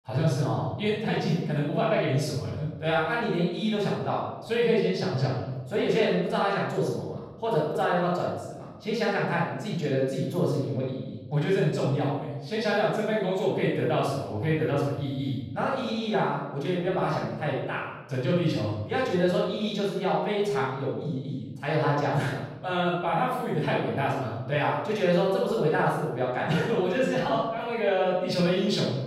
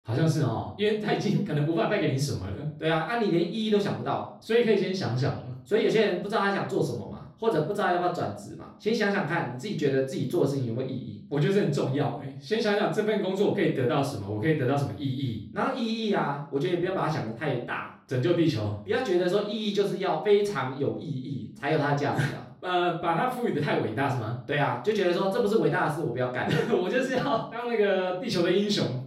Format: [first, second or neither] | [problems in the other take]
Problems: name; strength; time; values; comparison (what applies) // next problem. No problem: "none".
second | room echo; strong; dies away in 1 s; slight in the second // off-mic speech; far; far in the second